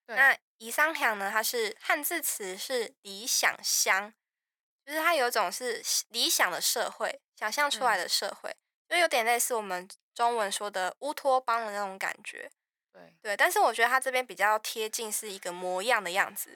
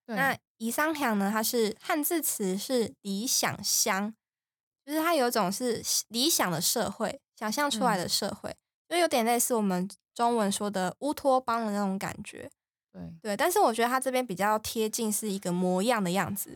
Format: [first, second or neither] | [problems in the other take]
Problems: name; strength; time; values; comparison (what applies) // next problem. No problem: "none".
second | thin; very; fading below 550 Hz